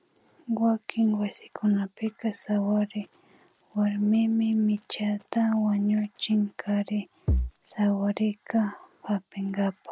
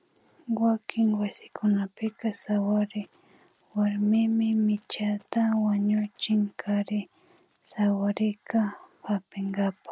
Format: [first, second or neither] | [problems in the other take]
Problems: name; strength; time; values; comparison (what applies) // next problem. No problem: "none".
second | background sound (Bass drum); 1 dB above the speech